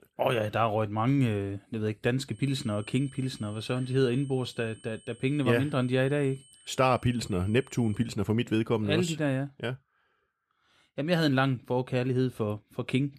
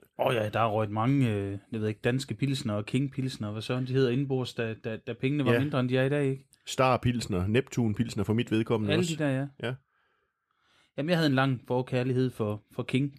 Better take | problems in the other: second | high-pitched whine; faint; from 2.5 to 8 s; 3 kHz, 25 dB below the speech

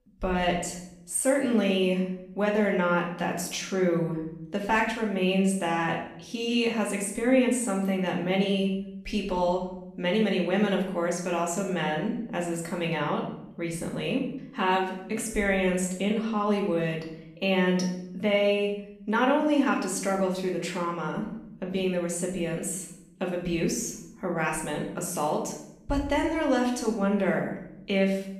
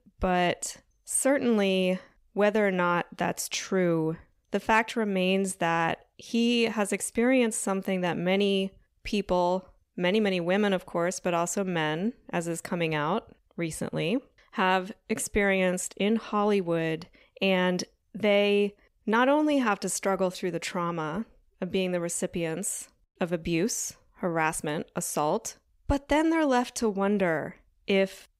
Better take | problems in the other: second | room echo; noticeable; dies away in 0.7 s // off-mic speech; far

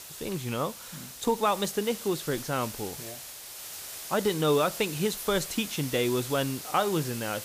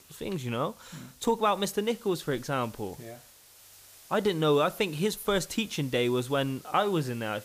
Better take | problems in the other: second | hiss; loud; throughout; 9 dB below the speech; faint in the second

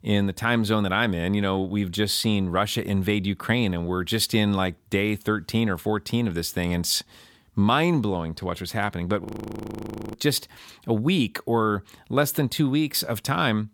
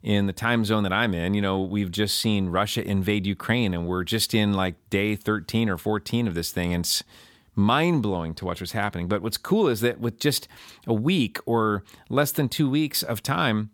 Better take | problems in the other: second | audio freezing; at 9.5 s for 1 s

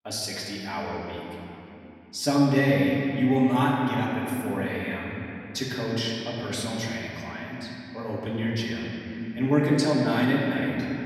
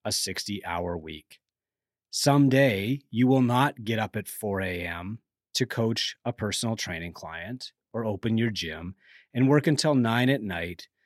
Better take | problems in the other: second | off-mic speech; far // room echo; noticeable; dies away in 3 s

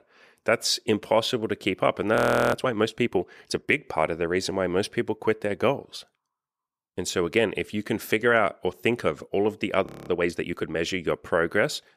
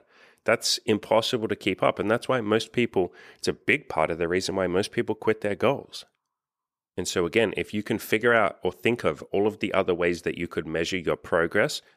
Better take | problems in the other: second | audio freezing; at 2 s and at 10 s

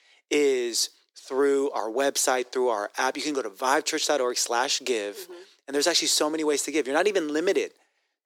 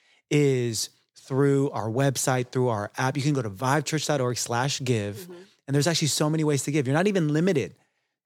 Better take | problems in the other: second | thin; somewhat; fading below 300 Hz

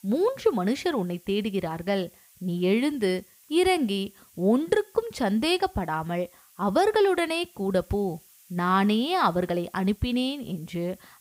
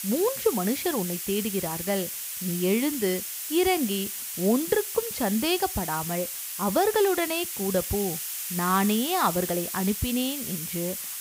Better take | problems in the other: first | hiss; loud; throughout; 4 dB below the speech; faint in the first

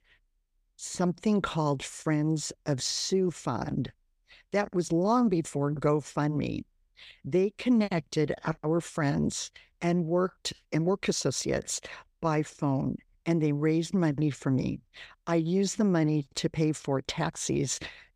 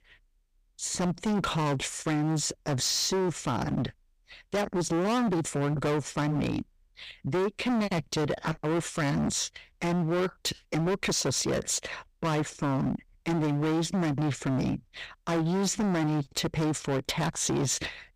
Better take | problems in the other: first | distortion; heavy; 24% of the sound clipped

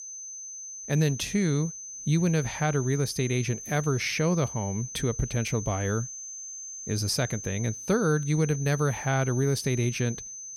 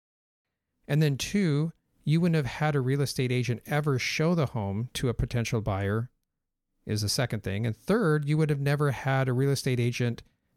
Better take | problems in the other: second | high-pitched whine; loud; throughout; 6 kHz, 9 dB below the speech

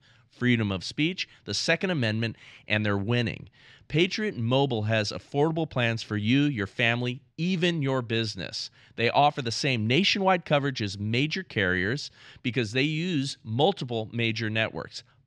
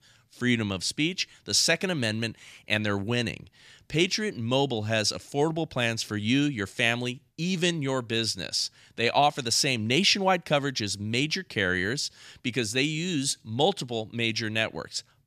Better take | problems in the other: second | muffled; very slightly; fading above 3.5 kHz

